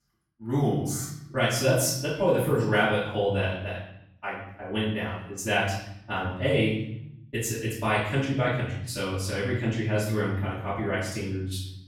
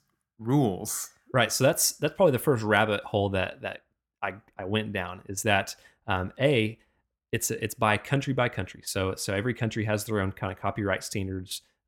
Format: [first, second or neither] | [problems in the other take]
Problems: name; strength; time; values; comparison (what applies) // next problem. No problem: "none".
second | off-mic speech; far // room echo; noticeable; dies away in 0.9 s